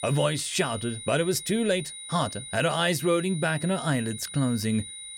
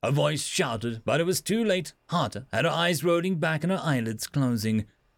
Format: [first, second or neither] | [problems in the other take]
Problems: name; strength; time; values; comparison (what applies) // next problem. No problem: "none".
second | high-pitched whine; noticeable; throughout; 9.5 kHz, 10 dB below the speech